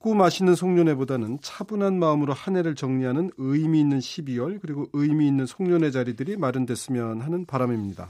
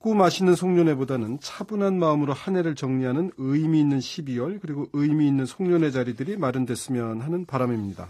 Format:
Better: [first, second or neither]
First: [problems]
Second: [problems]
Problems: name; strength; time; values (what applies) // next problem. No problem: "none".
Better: first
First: none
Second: garbled, watery; slightly; nothing above 14.5 kHz